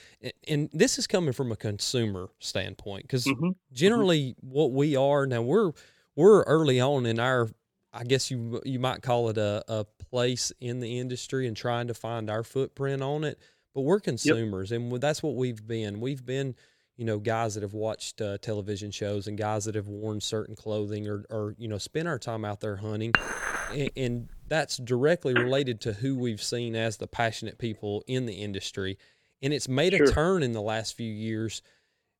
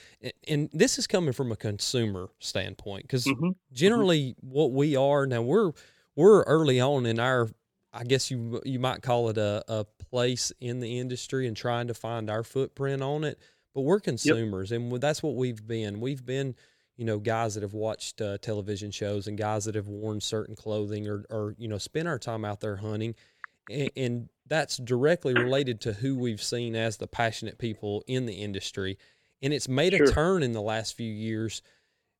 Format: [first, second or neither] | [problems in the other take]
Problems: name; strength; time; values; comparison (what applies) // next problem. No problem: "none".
second | clattering dishes; loud; at 23 s; peak 2 dB above the speech